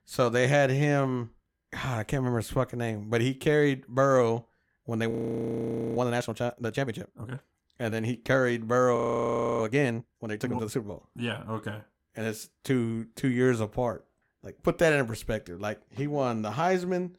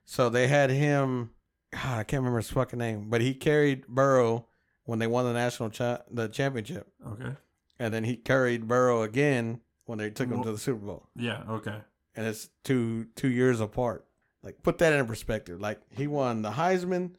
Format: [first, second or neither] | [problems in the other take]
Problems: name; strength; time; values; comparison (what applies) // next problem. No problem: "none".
second | audio freezing; at 5 s for 1 s and at 9 s for 0.5 s